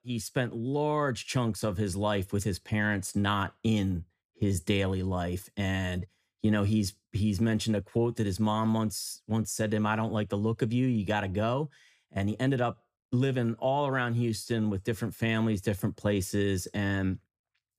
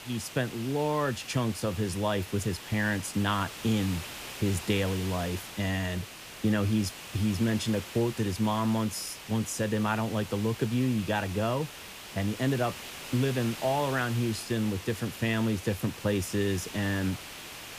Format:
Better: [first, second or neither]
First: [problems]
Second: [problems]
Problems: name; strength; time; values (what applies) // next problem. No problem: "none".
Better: first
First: none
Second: hiss; noticeable; throughout; 10 dB below the speech